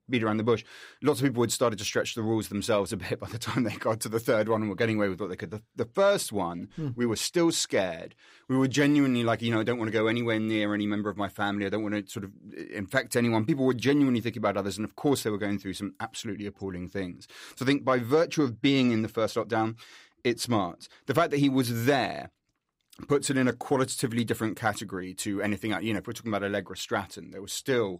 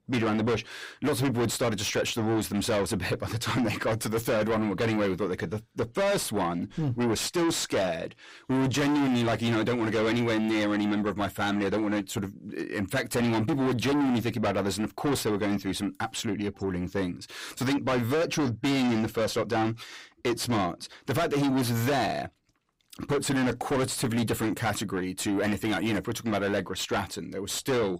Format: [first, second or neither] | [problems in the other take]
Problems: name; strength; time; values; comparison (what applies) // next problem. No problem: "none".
first | distortion; heavy; 6 dB below the speech